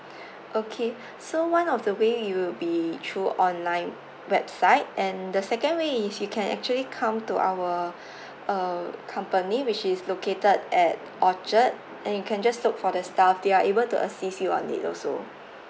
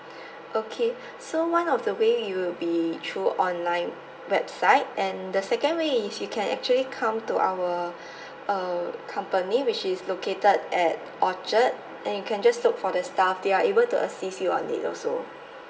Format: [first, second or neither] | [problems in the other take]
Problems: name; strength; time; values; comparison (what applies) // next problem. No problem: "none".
first | room echo; dies away in 0.8 s